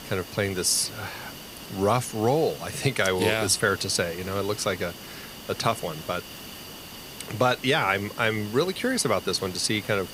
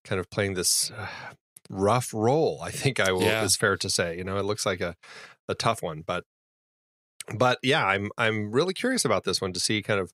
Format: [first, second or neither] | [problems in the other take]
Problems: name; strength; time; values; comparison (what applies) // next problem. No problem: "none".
second | hiss; noticeable; throughout; 15 dB below the speech